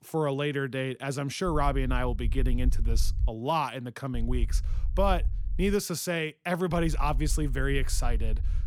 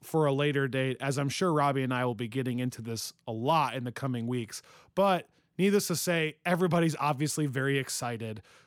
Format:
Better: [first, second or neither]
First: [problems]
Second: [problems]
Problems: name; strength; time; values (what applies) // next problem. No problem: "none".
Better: second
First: low rumble; faint; from 1.5 to 3.5 s, from 4 to 5.5 s and from 6.5 s on; 25 dB below the speech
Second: none